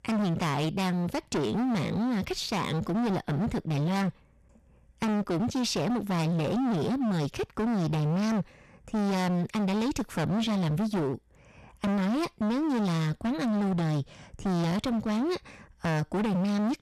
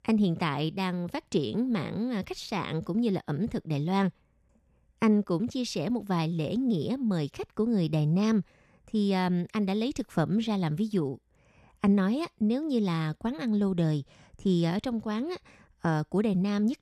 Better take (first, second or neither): second